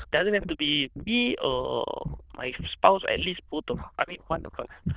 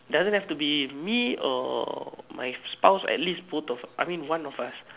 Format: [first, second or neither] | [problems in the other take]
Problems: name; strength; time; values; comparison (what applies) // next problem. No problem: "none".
second | noise reduction (neural diffusion model UNIVERSE++)